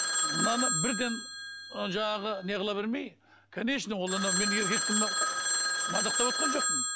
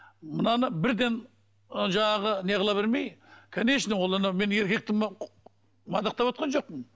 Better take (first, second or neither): second